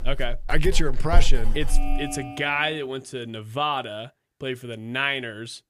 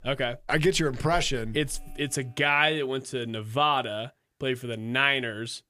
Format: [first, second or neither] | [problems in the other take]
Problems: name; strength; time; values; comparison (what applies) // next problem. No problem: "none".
second | household noises; loud; until 2 s; 2 dB below the speech; faint in the second